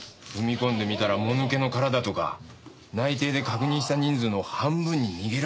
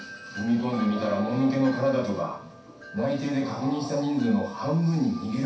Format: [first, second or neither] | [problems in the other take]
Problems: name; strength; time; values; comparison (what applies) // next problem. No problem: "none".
first | background sound (Wind chime); 17 dB below the speech // room echo; dies away in 0.6 s